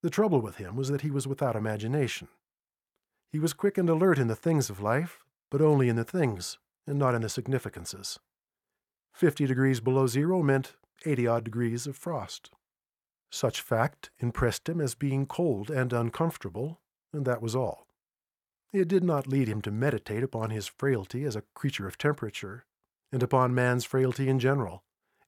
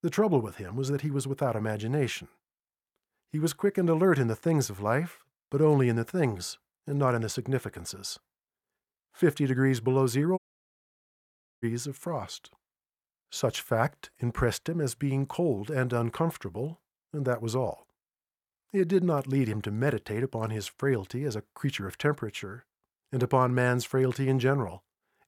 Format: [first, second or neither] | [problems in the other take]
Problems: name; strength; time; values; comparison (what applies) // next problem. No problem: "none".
first | audio cutting out; at 10 s for 1 s